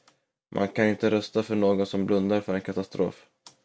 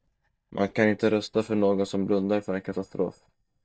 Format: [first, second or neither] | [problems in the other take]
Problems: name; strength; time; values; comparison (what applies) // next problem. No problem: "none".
first | noise reduction (neural mask model DeepFilterNet 3)